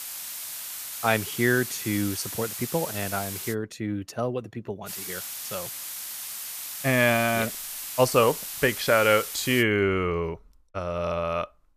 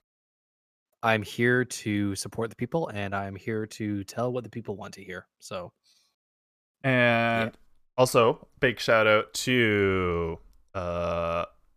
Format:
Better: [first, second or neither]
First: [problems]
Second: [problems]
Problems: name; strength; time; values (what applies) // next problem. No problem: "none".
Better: second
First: hiss; loud; until 3.5 s and from 5 to 9.5 s; 7 dB below the speech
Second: none